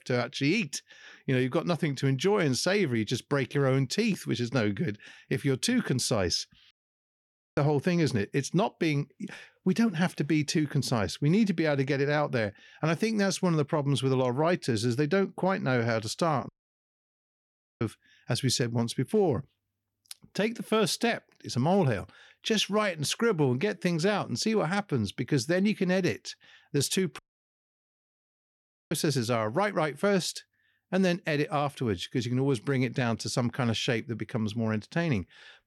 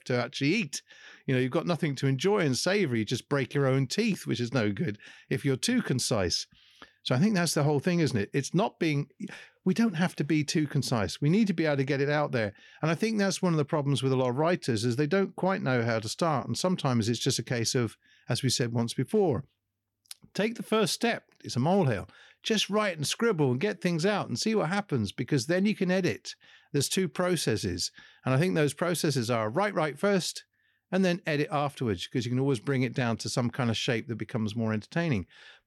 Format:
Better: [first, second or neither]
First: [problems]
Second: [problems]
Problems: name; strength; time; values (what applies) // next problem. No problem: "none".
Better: second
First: audio cutting out; at 6.5 s for 1 s, at 16 s for 1.5 s and at 27 s for 1.5 s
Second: none